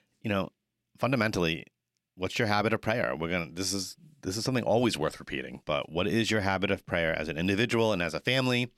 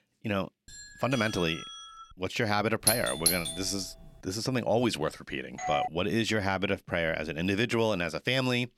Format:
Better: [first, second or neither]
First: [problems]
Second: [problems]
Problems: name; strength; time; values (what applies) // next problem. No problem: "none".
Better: first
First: none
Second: doorbell; noticeable; from 0.5 to 2 s and at 5.5 s; peak 2 dB below the speech // doorbell; loud; at 3 s; peak 3 dB above the speech